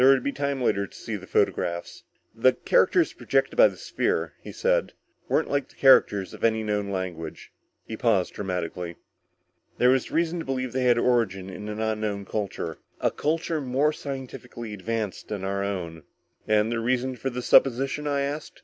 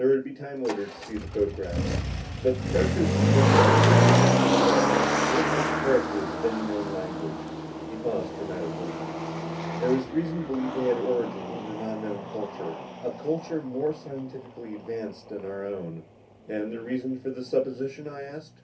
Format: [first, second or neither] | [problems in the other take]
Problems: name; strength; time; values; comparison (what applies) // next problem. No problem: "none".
first | background sound (Motor vehicle (road)); 3 dB above the speech // room echo; dies away in 0.3 s